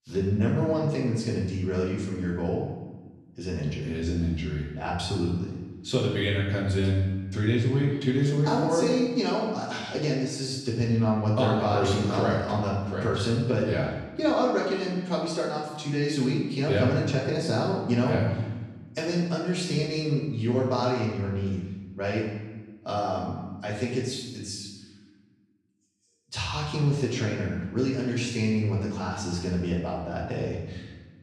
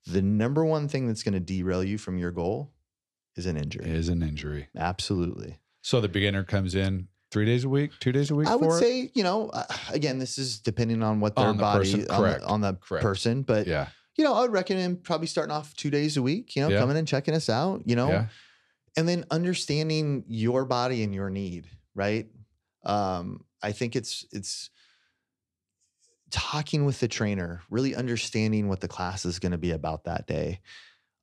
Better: second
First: off-mic speech; far // room echo; noticeable; dies away in 1.1 s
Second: none

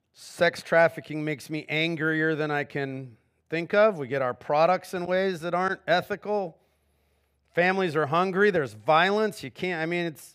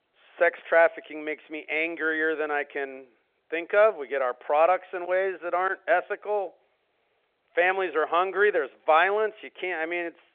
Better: first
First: none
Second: phone-call audio; nothing above 3.5 kHz

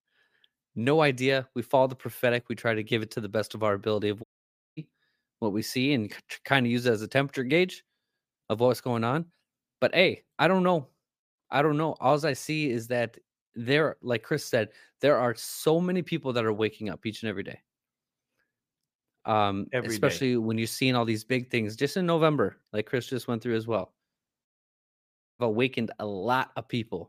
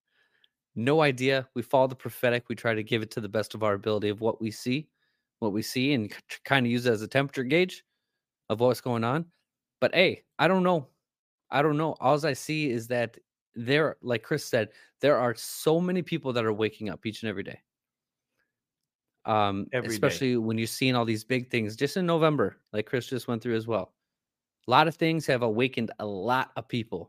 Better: second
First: audio cutting out; at 4 s for 0.5 s and at 24 s for 1 s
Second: none

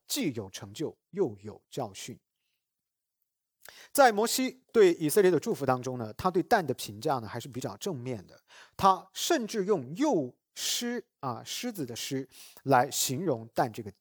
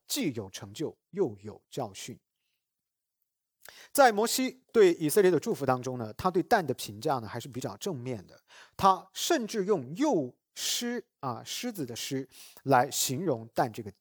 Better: neither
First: none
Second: none

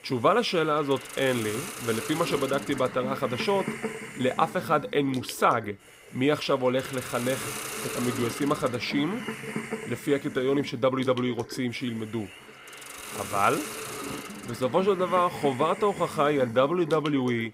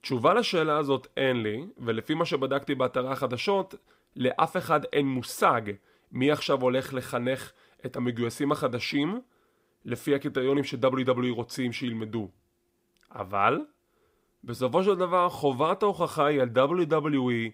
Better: second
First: hiss; noticeable; throughout; 10 dB below the speech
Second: none

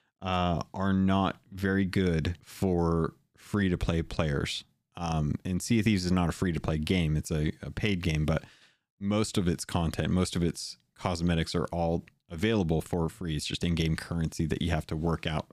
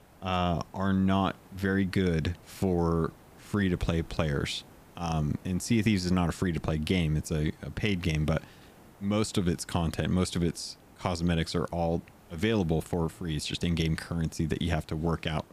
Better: first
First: none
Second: hiss; faint; throughout; 25 dB below the speech

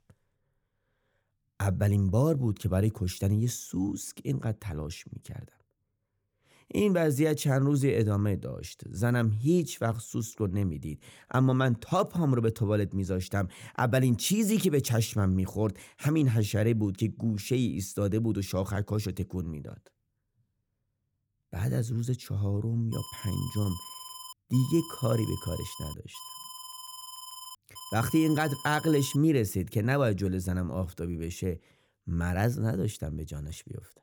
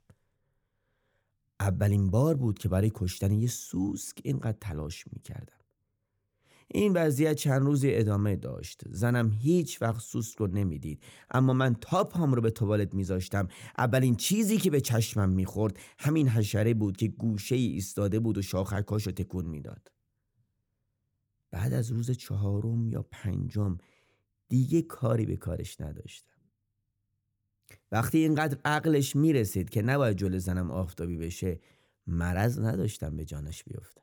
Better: second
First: alarm; faint; from 23 to 29 s; peak 10 dB below the speech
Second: none

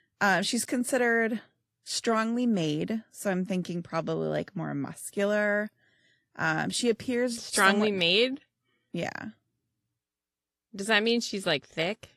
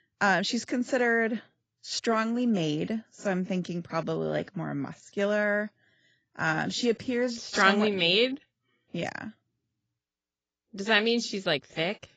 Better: first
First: garbled, watery; slightly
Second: garbled, watery; badly; nothing above 7.5 kHz

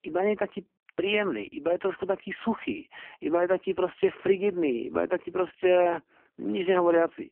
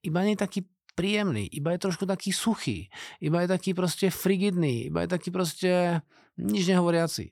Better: second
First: phone-call audio; poor line; nothing above 3 kHz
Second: none

